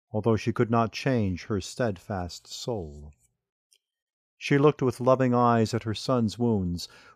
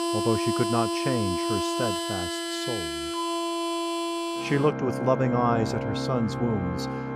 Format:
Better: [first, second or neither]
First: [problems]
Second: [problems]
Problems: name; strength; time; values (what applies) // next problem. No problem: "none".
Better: first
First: none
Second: background music; loud; throughout; 1 dB below the speech